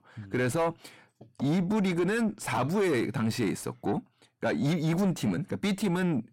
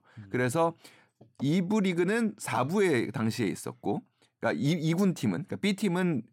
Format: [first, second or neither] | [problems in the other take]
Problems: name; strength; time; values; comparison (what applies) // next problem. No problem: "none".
second | distortion; slight; 10 dB below the speech